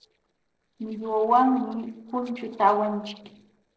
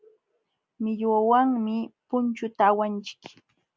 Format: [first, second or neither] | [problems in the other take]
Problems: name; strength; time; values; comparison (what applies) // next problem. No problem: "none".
second | noise reduction (neural separator model SepFormer DNS4)